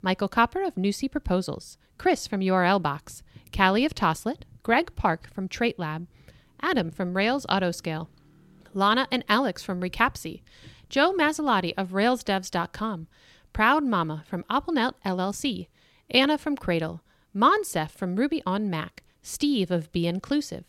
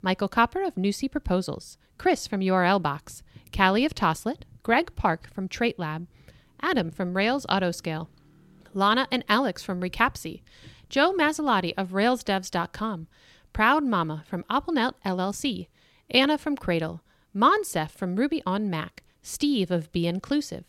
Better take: neither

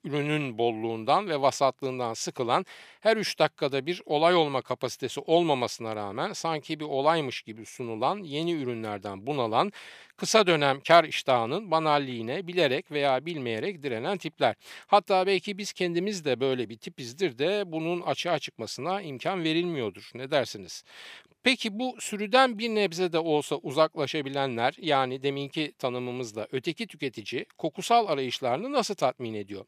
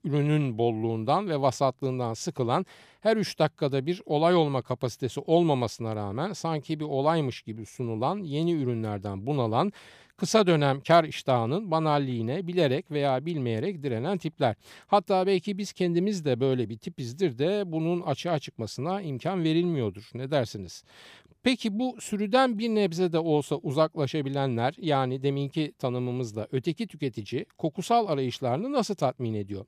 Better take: second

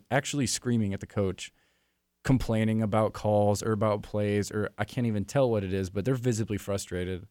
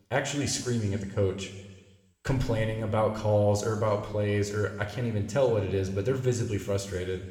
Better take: first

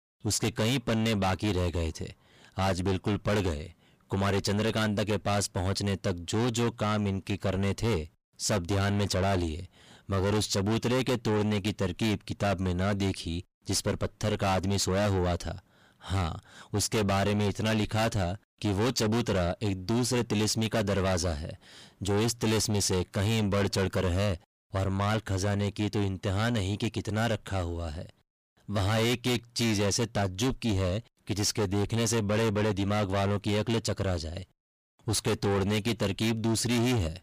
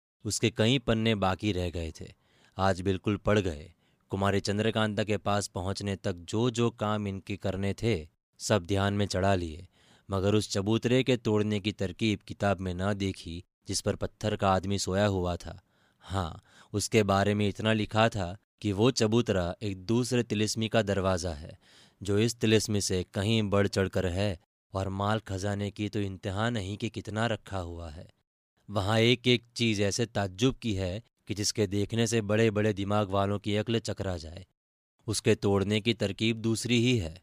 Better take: second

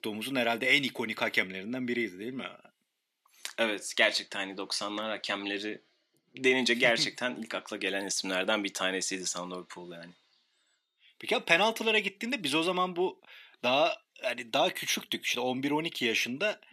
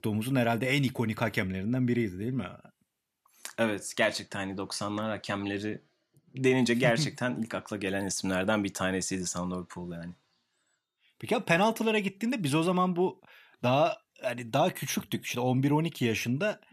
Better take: second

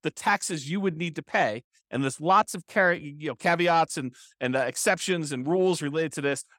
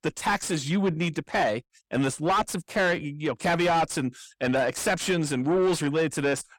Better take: first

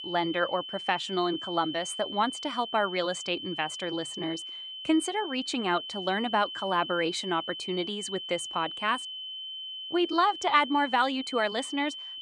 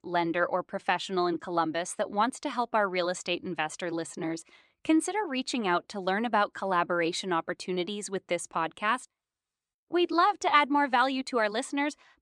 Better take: second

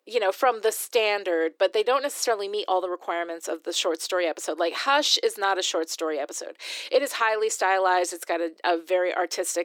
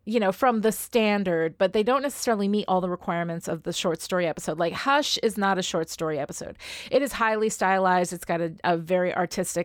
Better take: second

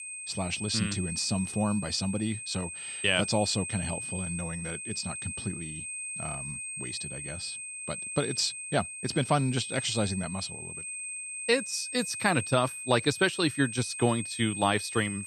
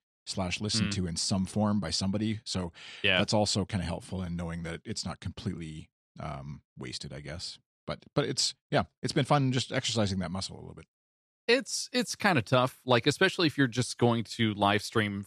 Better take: second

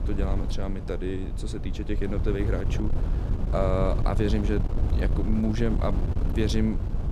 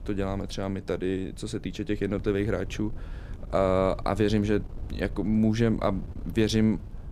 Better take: second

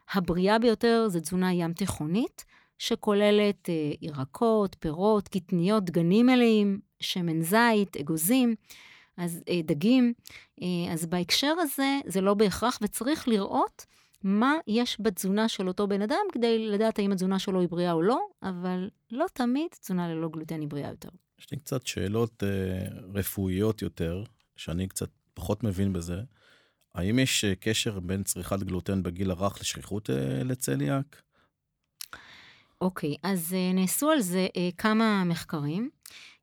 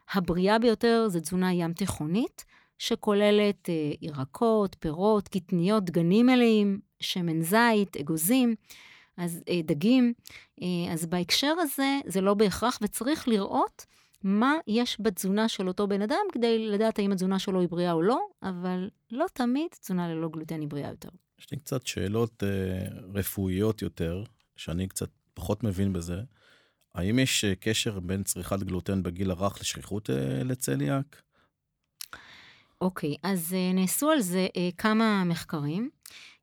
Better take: neither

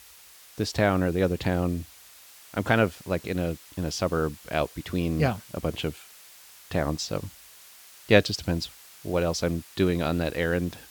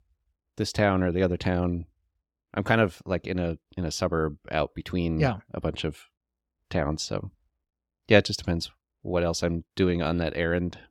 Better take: second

